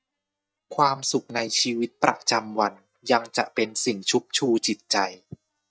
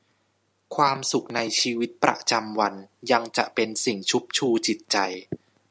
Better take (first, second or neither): second